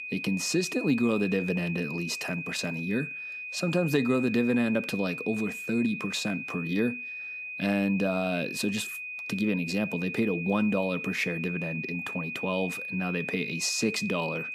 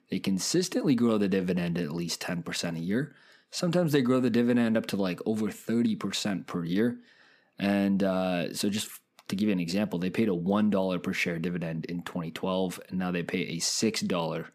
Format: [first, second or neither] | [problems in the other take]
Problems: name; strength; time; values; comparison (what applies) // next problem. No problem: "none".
second | high-pitched whine; loud; throughout; 2.5 kHz, 6 dB below the speech